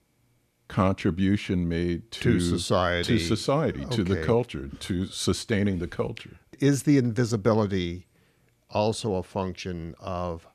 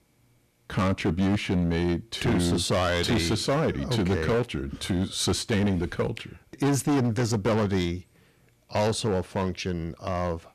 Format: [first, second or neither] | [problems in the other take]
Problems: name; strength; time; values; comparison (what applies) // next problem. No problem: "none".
first | distortion; heavy; 14% of the sound clipped